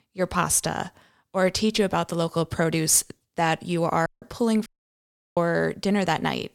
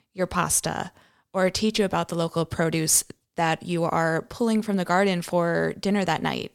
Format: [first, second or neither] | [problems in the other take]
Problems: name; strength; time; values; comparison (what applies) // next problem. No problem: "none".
second | audio cutting out; at 4 s and at 4.5 s for 0.5 s